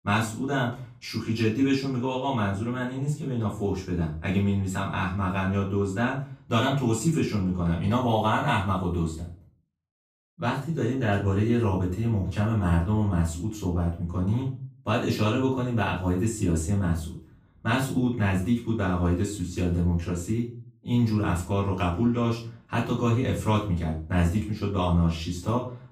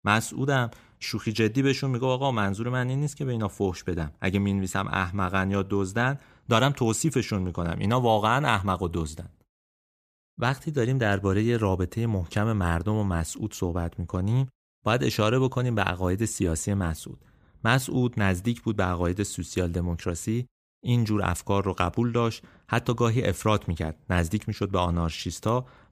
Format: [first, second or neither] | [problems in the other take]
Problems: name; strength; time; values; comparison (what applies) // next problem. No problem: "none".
second | off-mic speech; far // room echo; slight; dies away in 0.4 s